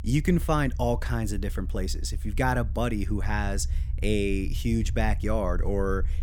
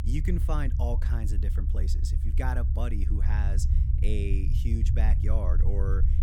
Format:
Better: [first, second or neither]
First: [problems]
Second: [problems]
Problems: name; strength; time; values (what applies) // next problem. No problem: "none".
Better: first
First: low rumble; faint; throughout; 20 dB below the speech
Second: low rumble; loud; throughout; 6 dB below the speech